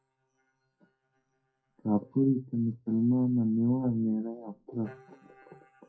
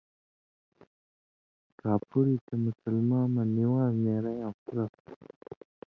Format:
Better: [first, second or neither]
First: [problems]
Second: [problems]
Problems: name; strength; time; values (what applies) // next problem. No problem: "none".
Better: second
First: noise reduction (classical method WPE with log-MMSE)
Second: none